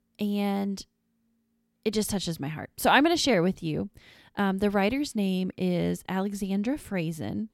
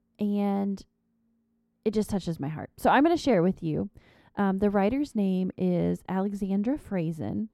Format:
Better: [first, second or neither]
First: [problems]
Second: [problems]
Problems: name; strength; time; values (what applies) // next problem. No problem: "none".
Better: first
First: none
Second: muffled; slightly; fading above 1.5 kHz